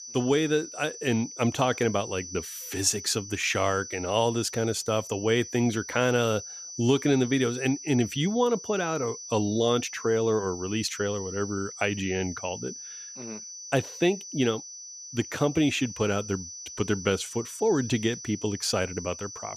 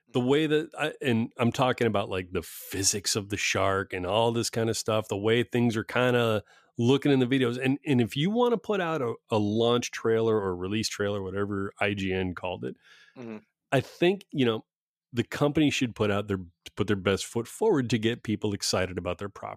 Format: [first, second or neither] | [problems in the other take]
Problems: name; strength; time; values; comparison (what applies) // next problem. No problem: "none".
second | high-pitched whine; noticeable; throughout; 6 kHz, 10 dB below the speech